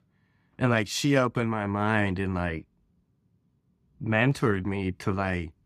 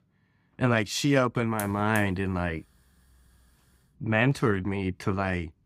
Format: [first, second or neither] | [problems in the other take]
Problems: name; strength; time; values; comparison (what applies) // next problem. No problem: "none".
first | hiss; noticeable; from 1.5 to 4 s; 15 dB below the speech